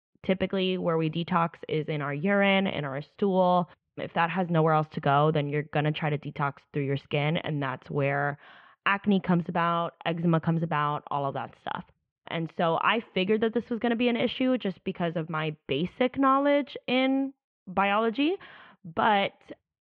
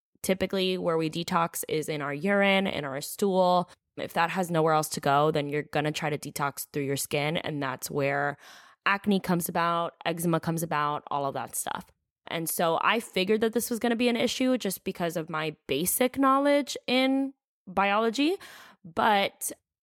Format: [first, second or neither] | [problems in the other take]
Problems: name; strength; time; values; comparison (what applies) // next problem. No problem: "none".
second | muffled; very; fading above 3 kHz